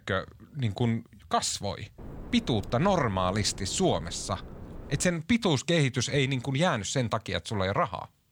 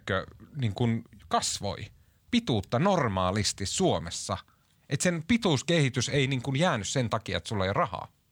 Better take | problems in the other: second | wind noise on the microphone; occasional gusts; from 2 to 5 s; 20 dB below the speech

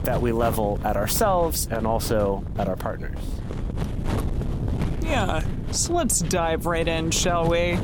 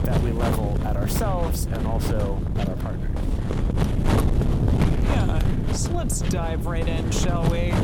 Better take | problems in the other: first | wind noise on the microphone; heavy; as loud as the speech; occasional gusts in the first

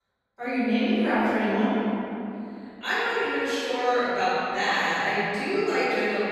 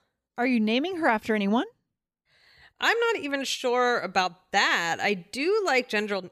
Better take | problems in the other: second | off-mic speech; far // room echo; strong; dies away in 2.8 s

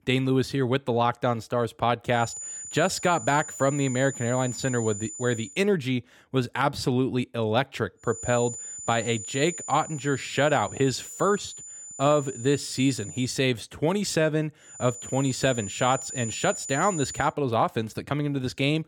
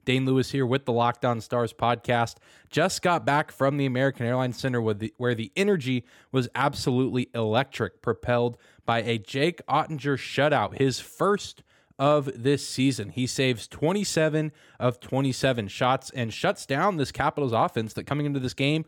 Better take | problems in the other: second | high-pitched whine; loud; from 2 to 5.5 s, from 8 to 13 s and from 15 to 17 s; 7 kHz, 10 dB below the speech

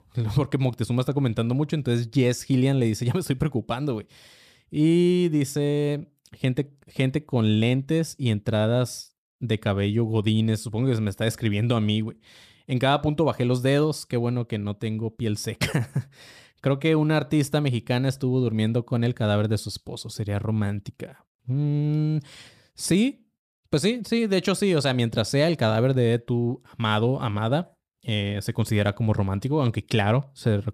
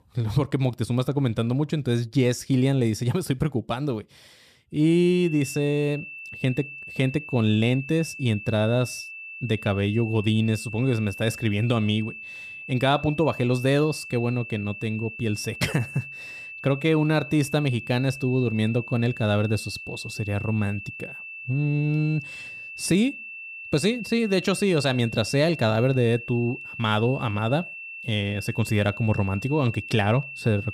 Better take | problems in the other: first | high-pitched whine; noticeable; from 5 s on; 2.5 kHz, 10 dB below the speech

